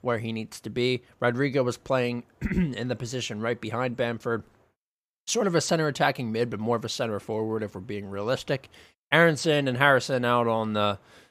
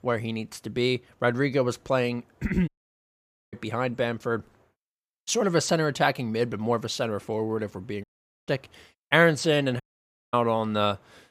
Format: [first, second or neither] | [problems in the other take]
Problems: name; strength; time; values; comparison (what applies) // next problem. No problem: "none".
first | audio cutting out; at 2.5 s for 1 s, at 8 s and at 10 s for 0.5 s